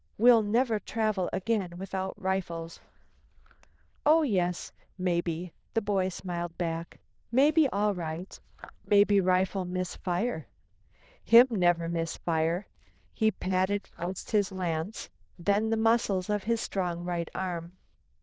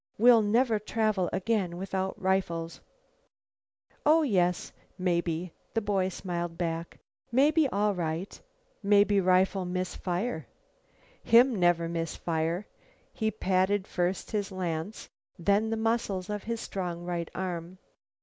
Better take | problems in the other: second | noise reduction (neural diffusion model UNIVERSE++)

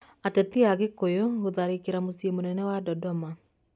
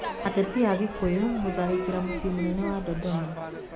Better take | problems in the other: first | background sound (Crowd / Fireworks); 6 dB below the speech // room echo; dies away in 0.3 s

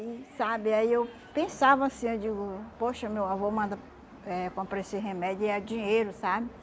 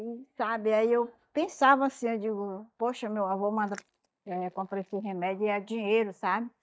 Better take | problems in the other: first | noise reduction (neural mask model DeepFilterNet 3)

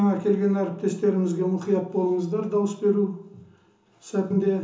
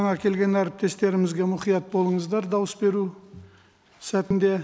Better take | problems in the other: second | room echo; dies away in 0.8 s

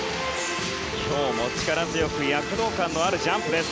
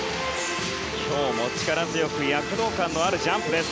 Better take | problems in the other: second | background sound (Tearing); 16 dB below the speech

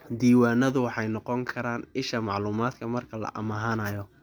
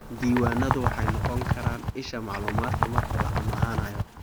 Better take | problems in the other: first | background sound (Bird); 3 dB above the speech

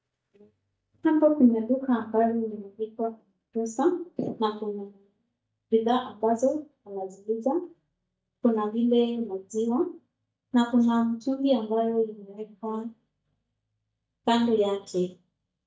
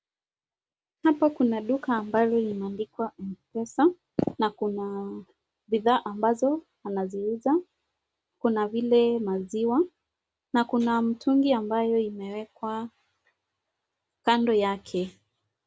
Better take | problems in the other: second | noise reduction (neural mask model DeepFilterNet 3)

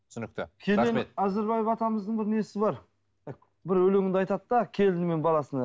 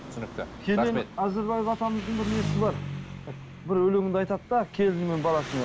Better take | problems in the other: first | background sound (Engine); 10 dB below the speech

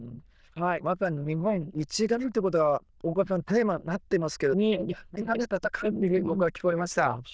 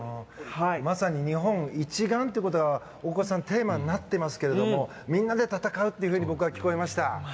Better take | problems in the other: second | noise reduction (neural diffusion model UNIVERSE++)

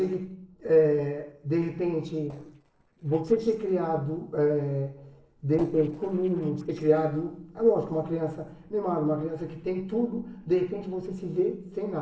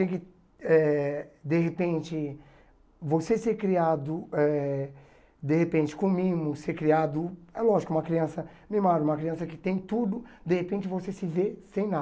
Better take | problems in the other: second | noise reduction (neural separator model SepFormer DNS4)

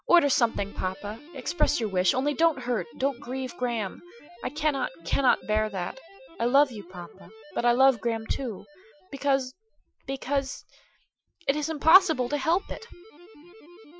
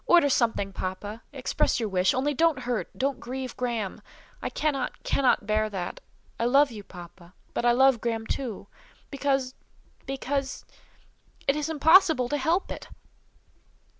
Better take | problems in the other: second | noise reduction (classical method Wiener filter)

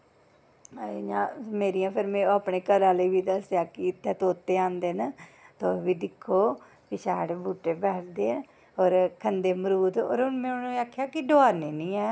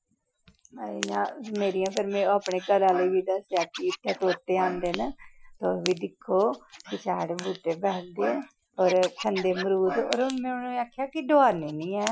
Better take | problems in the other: first | noise reduction (classical method Wiener filter)

